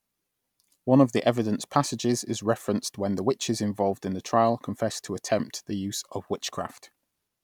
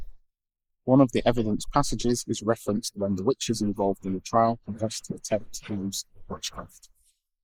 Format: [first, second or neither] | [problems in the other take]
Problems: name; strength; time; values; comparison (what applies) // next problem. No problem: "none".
first | noise reduction (neural mask model Resemble Enhance denoiser)